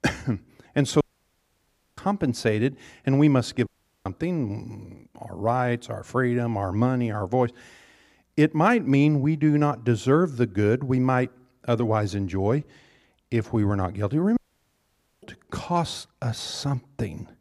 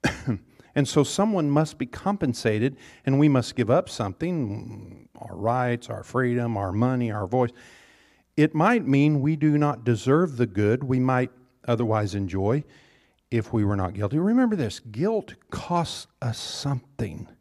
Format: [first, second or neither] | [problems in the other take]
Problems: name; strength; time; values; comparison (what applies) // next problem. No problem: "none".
second | audio cutting out; at 1 s for 1 s, at 3.5 s and at 14 s for 1 s